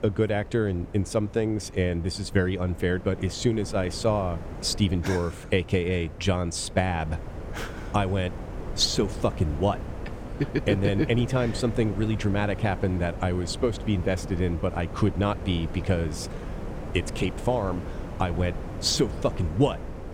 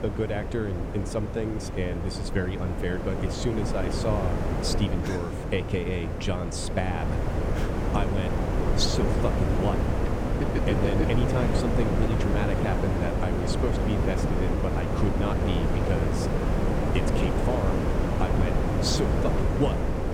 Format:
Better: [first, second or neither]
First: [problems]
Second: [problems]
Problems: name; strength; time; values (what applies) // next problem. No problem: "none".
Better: first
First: wind noise on the microphone; occasional gusts; 15 dB below the speech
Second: wind noise on the microphone; heavy; 1 dB above the speech